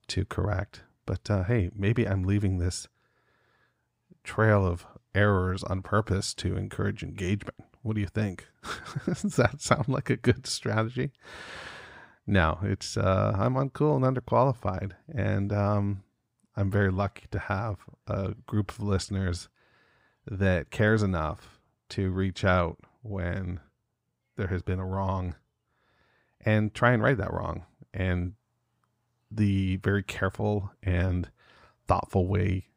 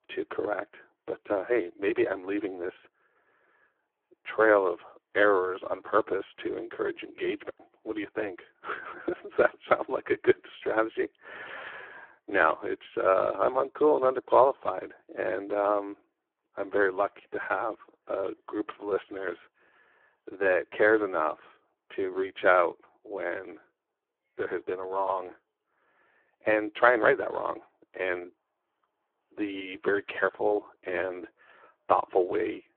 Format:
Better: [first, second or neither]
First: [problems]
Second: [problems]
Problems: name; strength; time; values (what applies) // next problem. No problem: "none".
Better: first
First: none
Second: phone-call audio; poor line